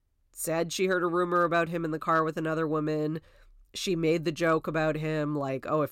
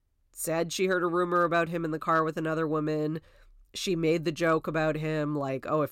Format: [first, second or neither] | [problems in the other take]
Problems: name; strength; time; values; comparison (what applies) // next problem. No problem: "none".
neither | none